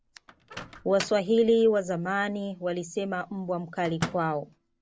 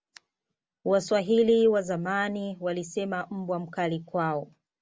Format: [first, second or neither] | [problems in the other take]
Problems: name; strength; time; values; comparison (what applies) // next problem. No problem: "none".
second | background sound (Microwave oven); 15 dB below the speech